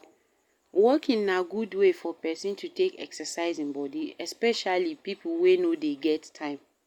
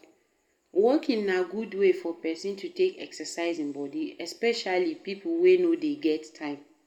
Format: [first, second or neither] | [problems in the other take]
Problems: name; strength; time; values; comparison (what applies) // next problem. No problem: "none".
first | room echo; dies away in 0.9 s